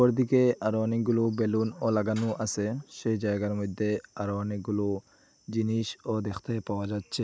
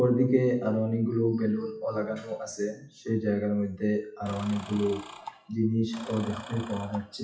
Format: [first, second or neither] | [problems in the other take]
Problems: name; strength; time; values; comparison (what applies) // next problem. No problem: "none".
first | noise reduction (classical method WPE with log-MMSE)